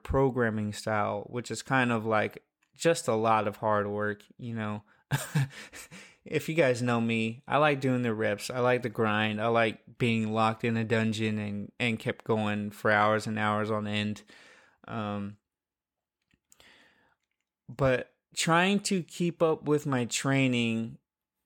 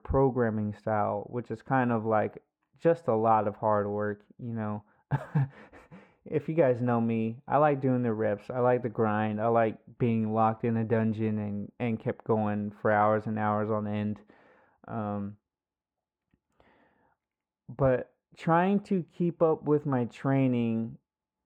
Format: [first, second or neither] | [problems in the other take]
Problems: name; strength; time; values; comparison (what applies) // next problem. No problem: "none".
first | muffled; very; fading above 2.5 kHz